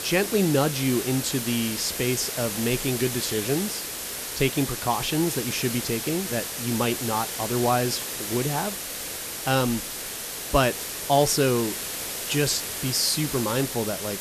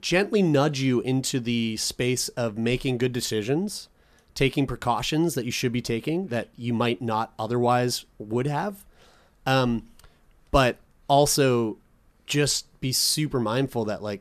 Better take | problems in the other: second | hiss; loud; throughout; 4 dB below the speech

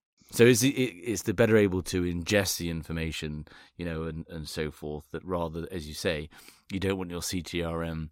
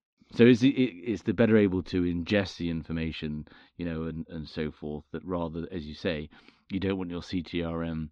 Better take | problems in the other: first | muffled; slightly; fading above 4 kHz

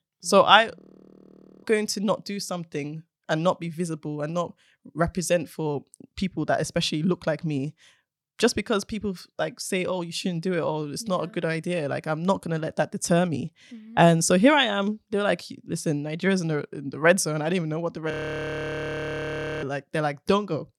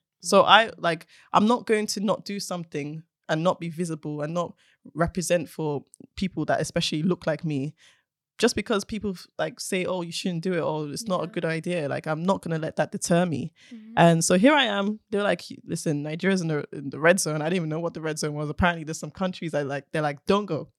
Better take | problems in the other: second | audio freezing; at 1 s for 1 s and at 18 s for 1.5 s

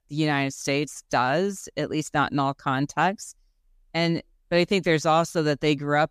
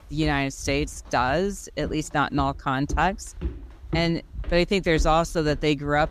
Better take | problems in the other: first | footsteps; noticeable; peak 8 dB below the speech

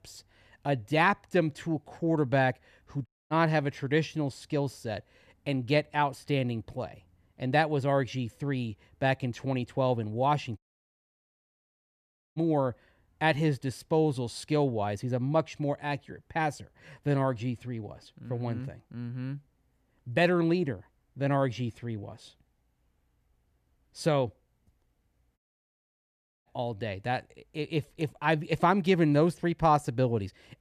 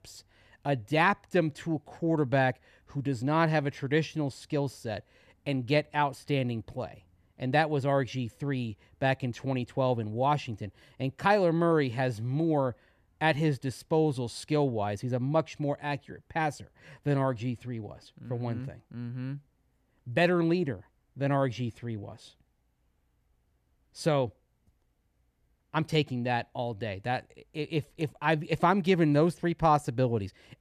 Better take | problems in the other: second | audio cutting out; at 3 s, at 11 s for 2 s and at 25 s for 1 s

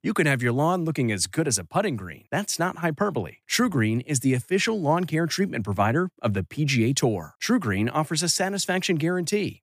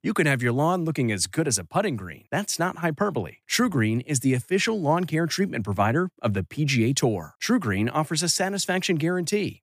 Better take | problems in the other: neither | none

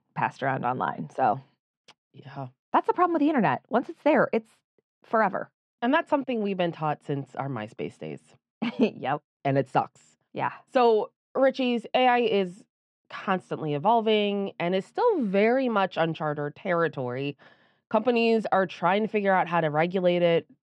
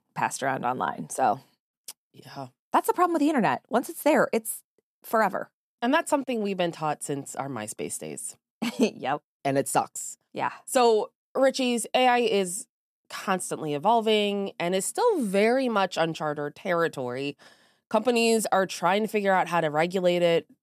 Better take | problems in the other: second | muffled; slightly; fading above 3 kHz

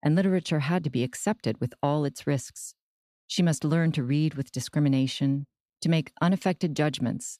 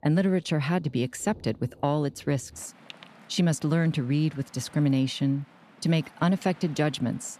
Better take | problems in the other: first | rain or running water; faint; throughout; 25 dB below the speech

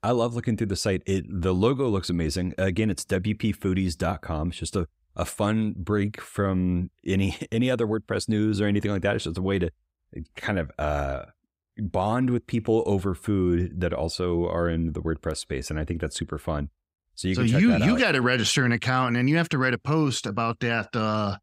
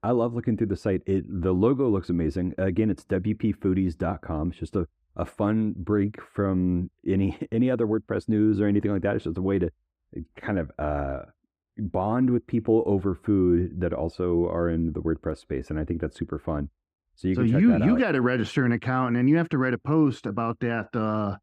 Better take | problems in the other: first | muffled; very; fading above 3 kHz

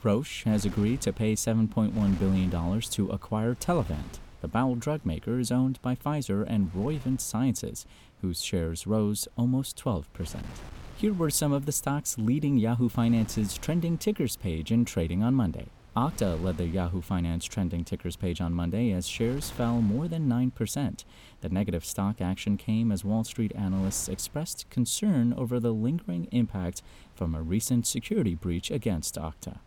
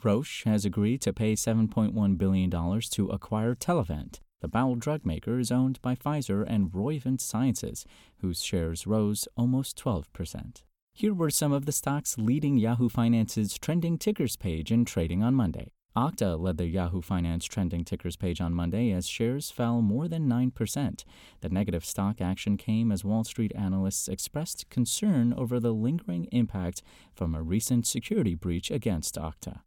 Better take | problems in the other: second | wind noise on the microphone; occasional gusts; 20 dB below the speech

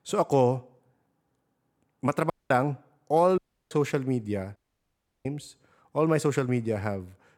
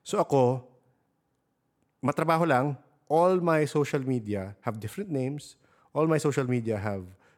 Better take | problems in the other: second | audio cutting out; at 2.5 s, at 3.5 s and at 4.5 s for 0.5 s

